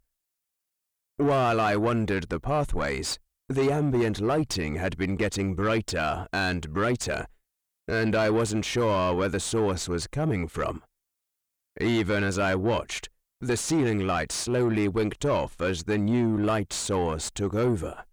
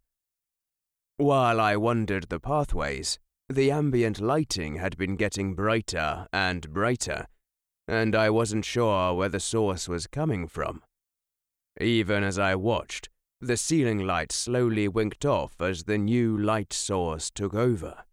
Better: second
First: distortion; slight; 10 dB below the speech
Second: none

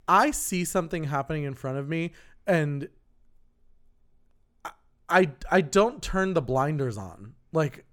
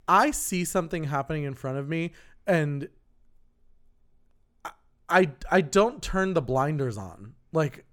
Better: neither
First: none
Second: none

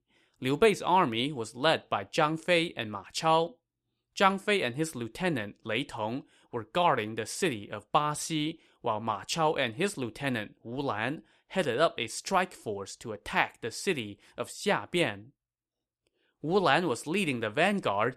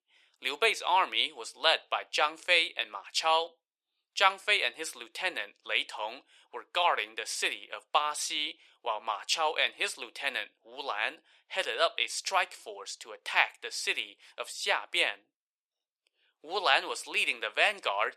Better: first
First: none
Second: thin; very; fading below 550 Hz

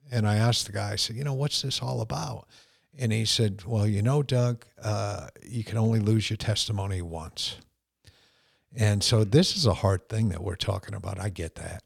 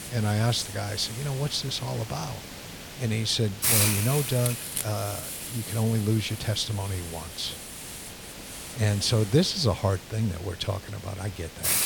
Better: first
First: none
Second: hiss; loud; throughout; 4 dB below the speech

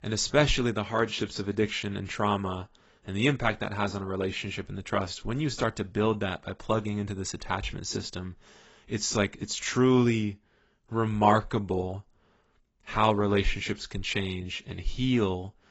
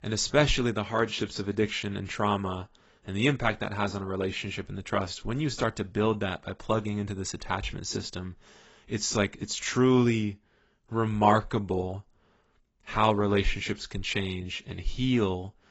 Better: neither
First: garbled, watery; badly; nothing above 7.5 kHz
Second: garbled, watery; badly; nothing above 7.5 kHz

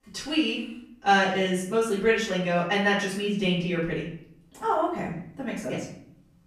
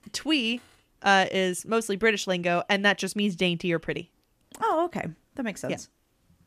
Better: second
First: off-mic speech; far // room echo; noticeable; dies away in 0.6 s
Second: none

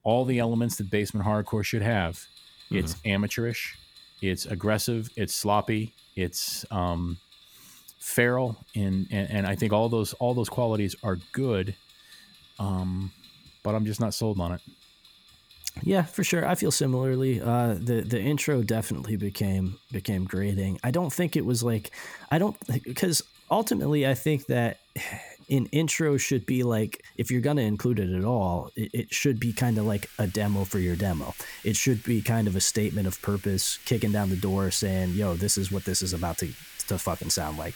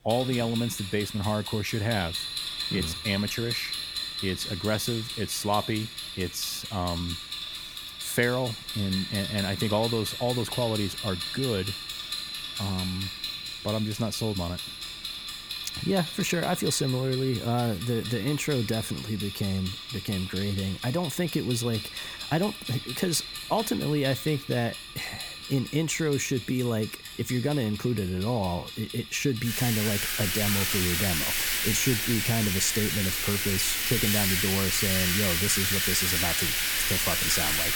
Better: first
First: household noises; faint; throughout; 20 dB below the speech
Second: household noises; loud; throughout; 1 dB below the speech

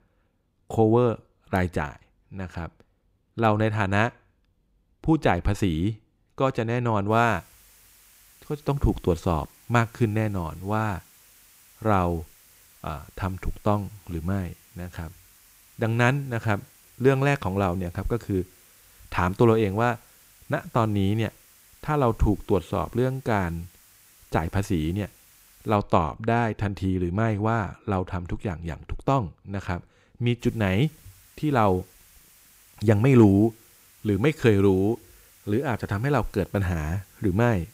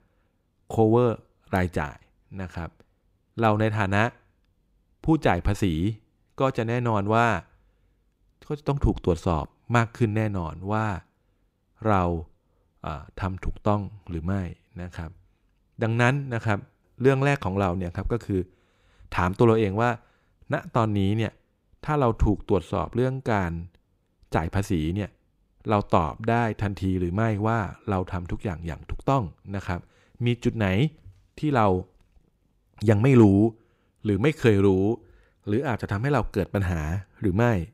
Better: second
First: hiss; faint; from 7 to 26 s and from 30 s on; 25 dB below the speech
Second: none

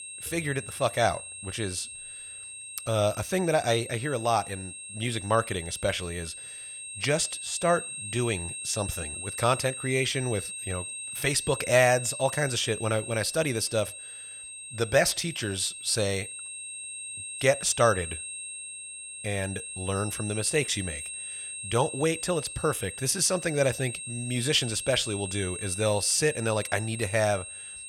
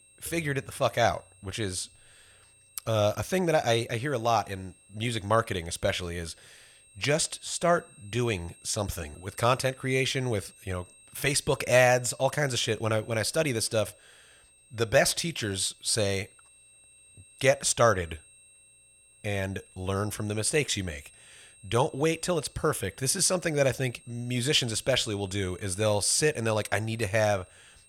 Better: second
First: high-pitched whine; loud; throughout; 8.5 kHz, 8 dB below the speech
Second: high-pitched whine; faint; throughout; 8.5 kHz, 25 dB below the speech

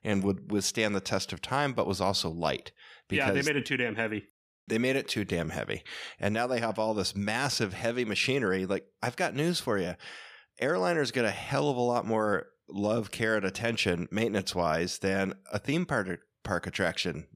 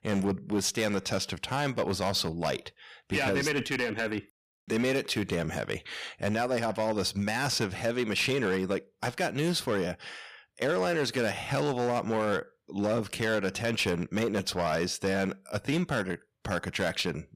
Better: first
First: none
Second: distortion; slight; 8% of the sound clipped

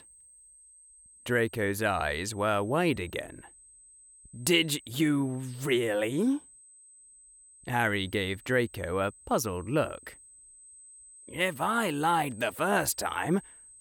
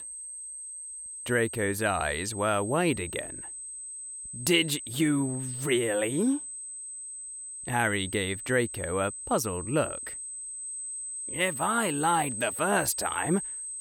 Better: first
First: high-pitched whine; faint; throughout; 8 kHz, 20 dB below the speech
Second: high-pitched whine; loud; throughout; 8 kHz, 7 dB below the speech

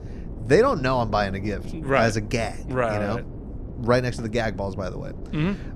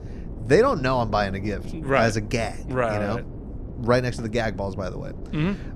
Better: neither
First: wind noise on the microphone; occasional gusts; 20 dB below the speech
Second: wind noise on the microphone; occasional gusts; 20 dB below the speech

